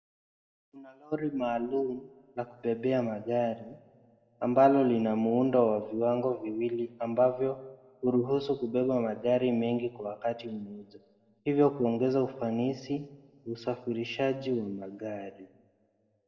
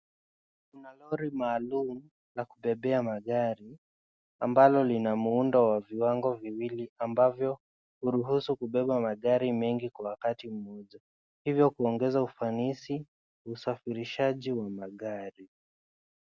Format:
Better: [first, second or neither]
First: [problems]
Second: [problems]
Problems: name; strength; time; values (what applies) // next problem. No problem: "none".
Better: second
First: room echo; dies away in 0.9 s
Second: none